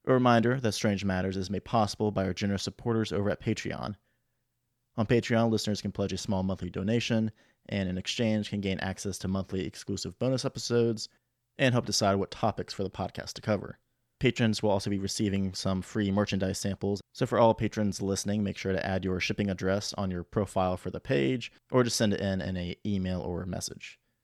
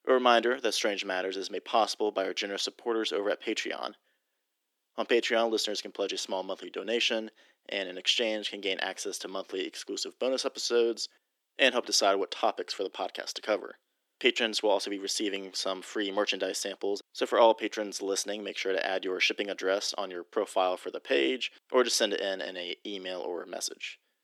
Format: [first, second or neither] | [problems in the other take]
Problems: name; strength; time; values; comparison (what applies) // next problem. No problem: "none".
first | thin; somewhat; fading below 300 Hz